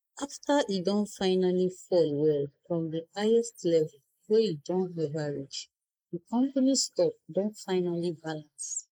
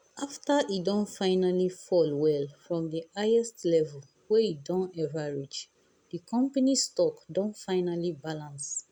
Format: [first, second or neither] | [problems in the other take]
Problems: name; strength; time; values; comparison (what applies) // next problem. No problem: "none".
second | noise reduction (neural mask model Resemble Enhance denoiser)